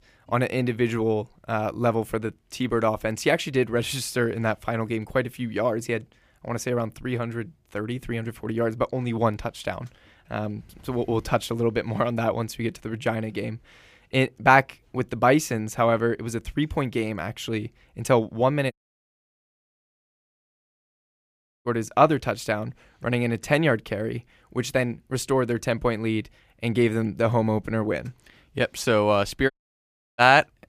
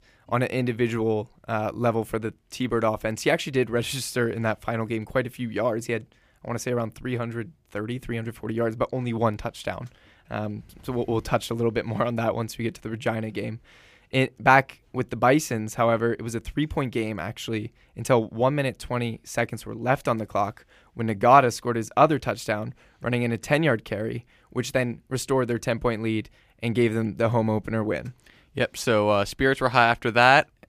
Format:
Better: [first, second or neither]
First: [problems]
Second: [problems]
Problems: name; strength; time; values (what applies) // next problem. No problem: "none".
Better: second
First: audio cutting out; at 19 s for 3 s and at 30 s for 0.5 s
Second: none